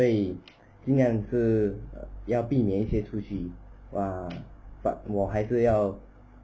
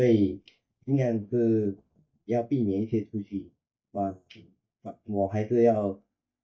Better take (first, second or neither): first